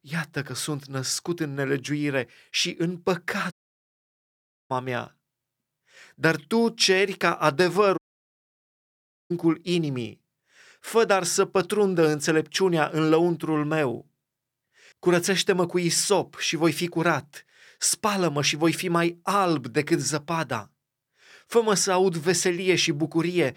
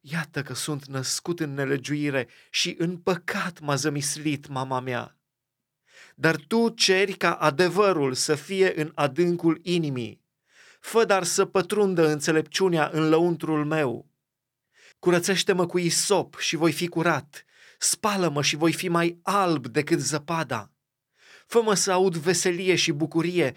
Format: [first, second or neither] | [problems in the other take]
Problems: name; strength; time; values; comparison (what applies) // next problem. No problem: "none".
second | audio cutting out; at 3.5 s for 1 s and at 8 s for 1.5 s